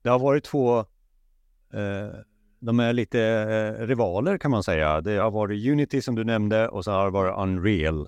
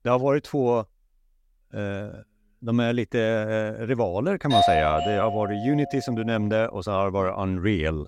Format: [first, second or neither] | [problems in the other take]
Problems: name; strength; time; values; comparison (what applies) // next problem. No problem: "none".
first | doorbell; loud; from 4.5 to 6 s; peak 5 dB above the speech